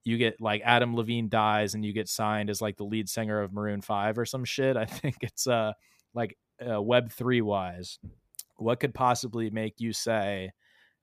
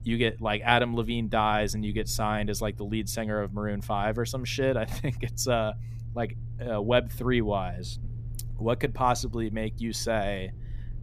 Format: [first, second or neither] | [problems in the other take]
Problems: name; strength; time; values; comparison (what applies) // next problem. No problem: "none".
first | low rumble; faint; throughout; 25 dB below the speech